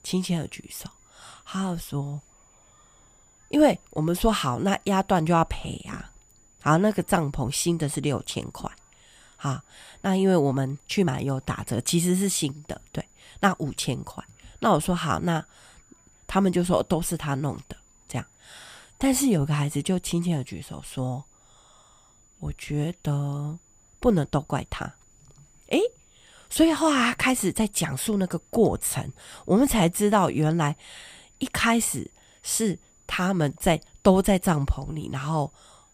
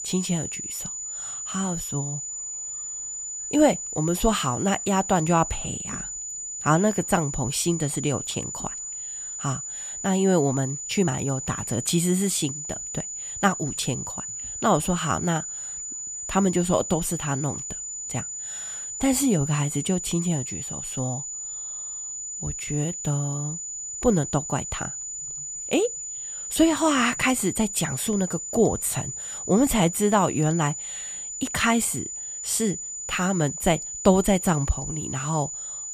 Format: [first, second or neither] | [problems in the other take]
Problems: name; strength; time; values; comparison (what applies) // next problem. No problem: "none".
first | high-pitched whine; loud; throughout; 7 kHz, 6 dB below the speech; faint in the first